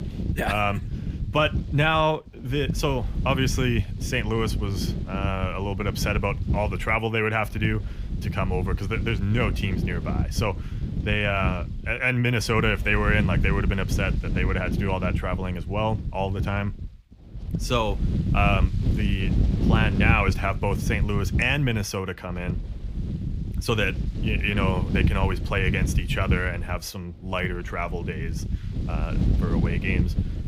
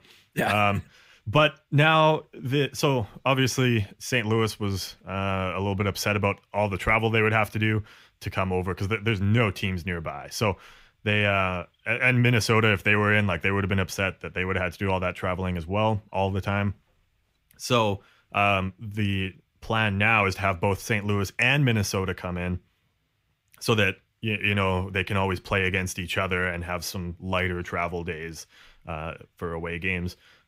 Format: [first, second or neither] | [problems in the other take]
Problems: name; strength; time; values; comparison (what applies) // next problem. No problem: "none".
second | wind noise on the microphone; occasional gusts; 10 dB below the speech